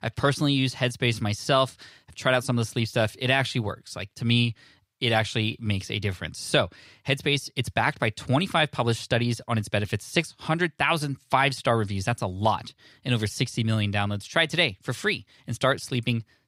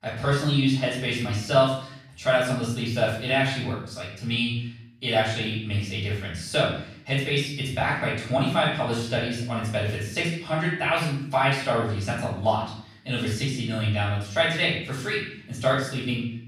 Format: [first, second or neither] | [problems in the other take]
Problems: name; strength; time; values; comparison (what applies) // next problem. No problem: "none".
first | off-mic speech; far // room echo; noticeable; dies away in 0.6 s